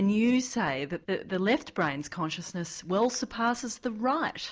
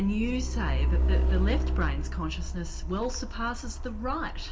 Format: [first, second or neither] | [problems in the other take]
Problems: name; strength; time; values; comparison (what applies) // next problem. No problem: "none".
first | background sound (Truck); 5 dB above the speech // room echo; dies away in 0.7 s